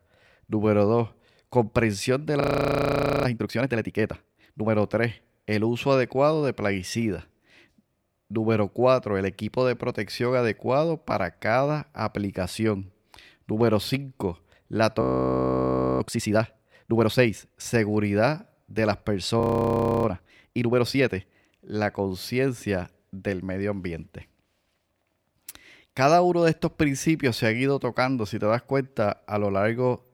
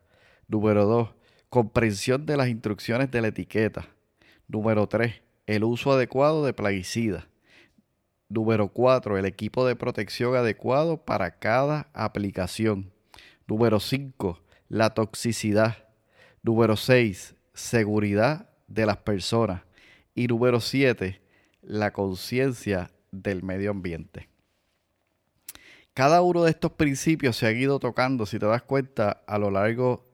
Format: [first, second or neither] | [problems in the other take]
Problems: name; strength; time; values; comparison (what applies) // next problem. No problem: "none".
second | audio freezing; at 2.5 s for 1 s, at 15 s for 1 s and at 19 s for 0.5 s